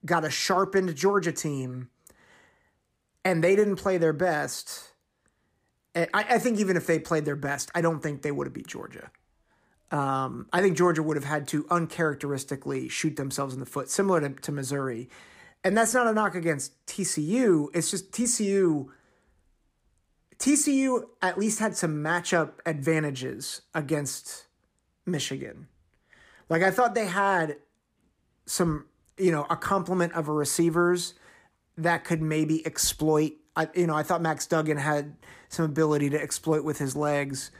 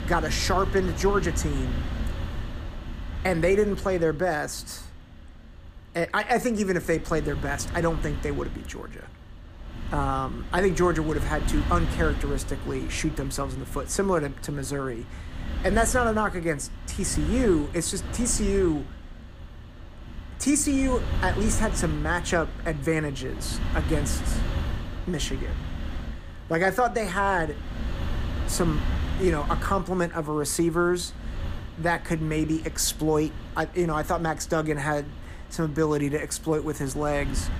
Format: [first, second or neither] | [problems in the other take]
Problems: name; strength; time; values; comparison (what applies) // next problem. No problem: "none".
first | wind noise on the microphone; occasional gusts; 15 dB below the speech